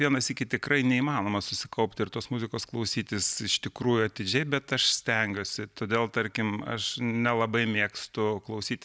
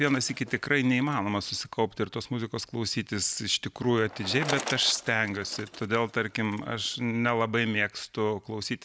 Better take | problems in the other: first | background sound (Bicycle); 15 dB below the speech

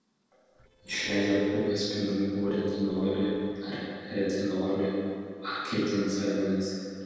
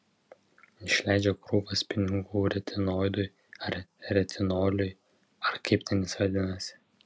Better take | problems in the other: second | noise reduction (neural separator model SepFormer DNS4)

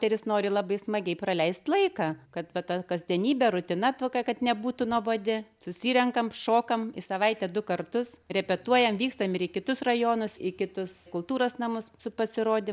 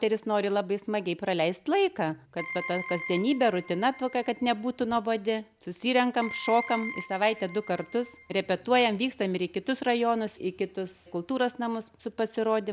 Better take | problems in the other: first | background sound (Keyboard (musical)); 12 dB below the speech

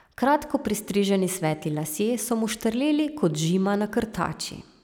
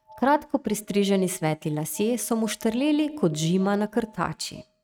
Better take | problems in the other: first | noise reduction (neural mask model RNNoise)

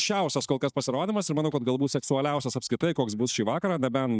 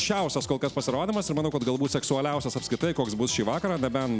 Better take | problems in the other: second | noise reduction (neural mask model DeepFilterNet 3)

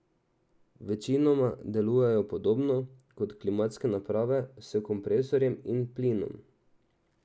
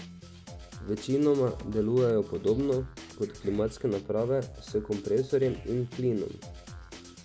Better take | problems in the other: first | background sound (Drum kit); 16 dB below the speech

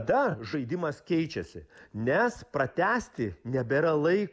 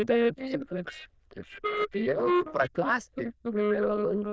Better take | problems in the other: first | noise reduction (neural diffusion model UNIVERSE++)

